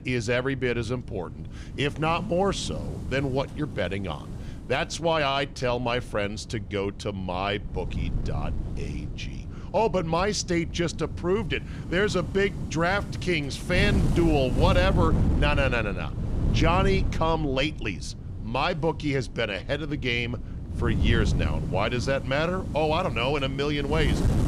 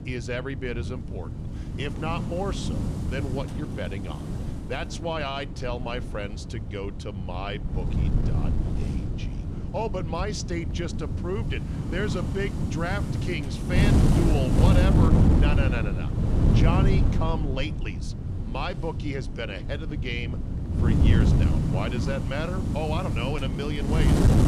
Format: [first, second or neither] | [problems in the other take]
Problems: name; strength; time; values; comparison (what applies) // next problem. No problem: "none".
first | wind noise on the microphone; heavy; 2 dB below the speech; occasional gusts in the first